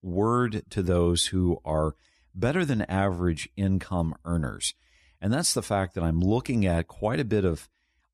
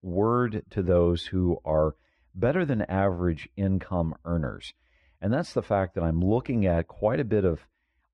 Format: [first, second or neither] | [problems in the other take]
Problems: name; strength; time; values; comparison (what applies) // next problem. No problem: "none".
first | muffled; very; fading above 2 kHz